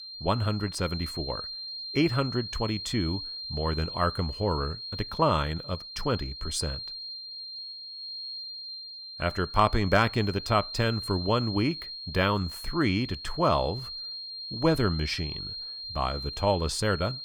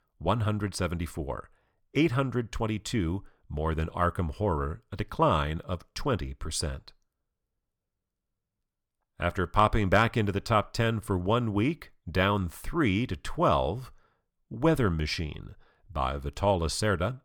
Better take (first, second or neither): second